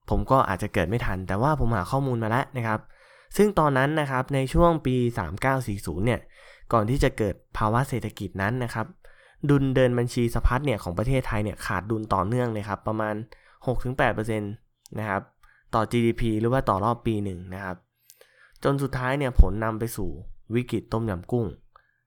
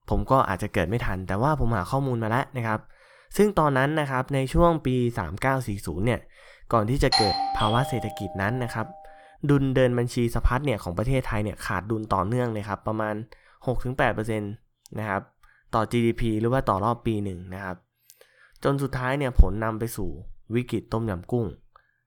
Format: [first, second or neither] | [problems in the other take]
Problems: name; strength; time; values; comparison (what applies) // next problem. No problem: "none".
first | doorbell; loud; from 7 to 8 s; peak 4 dB above the speech